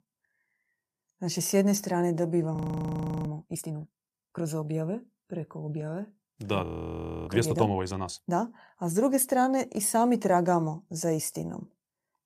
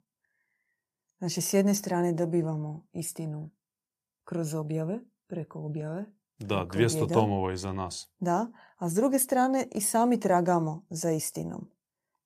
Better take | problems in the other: second | audio freezing; at 2.5 s for 0.5 s and at 6.5 s for 0.5 s

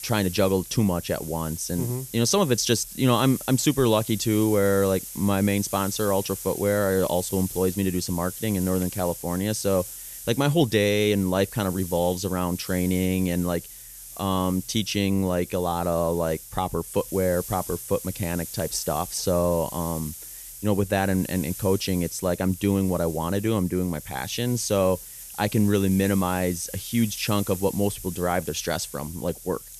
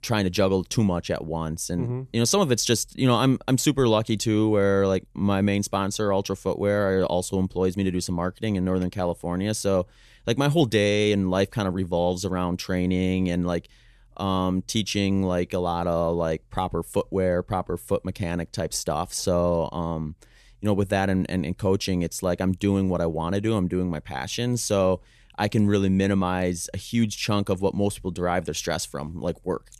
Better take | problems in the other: second | hiss; noticeable; throughout; 10 dB below the speech

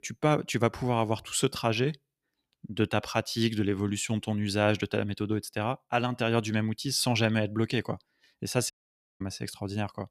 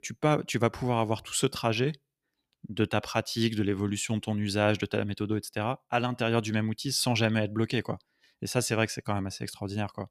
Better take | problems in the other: second | audio cutting out; at 8.5 s for 0.5 s

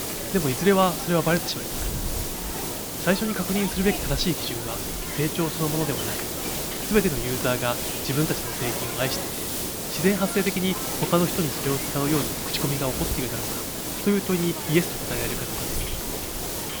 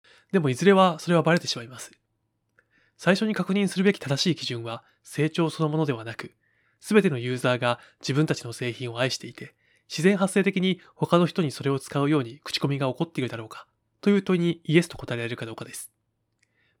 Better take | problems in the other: second | hiss; loud; throughout; 2 dB below the speech

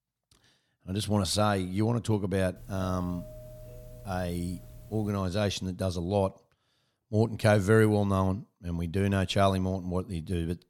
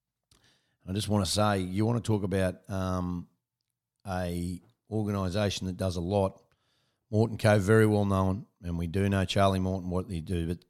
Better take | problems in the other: second | doorbell; faint; from 2.5 to 5 s; peak 15 dB below the speech

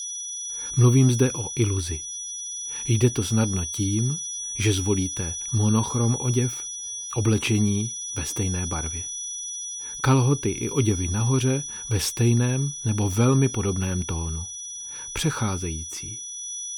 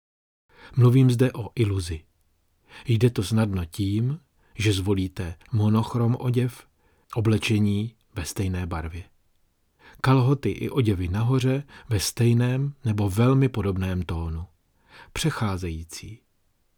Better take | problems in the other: second | high-pitched whine; loud; throughout; 6 kHz, 6 dB below the speech

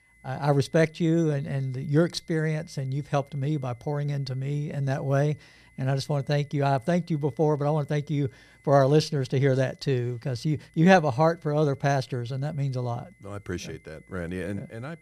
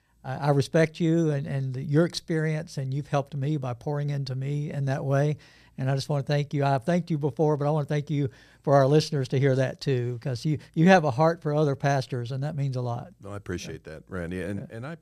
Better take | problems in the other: second | high-pitched whine; faint; throughout; 2 kHz, 35 dB below the speech

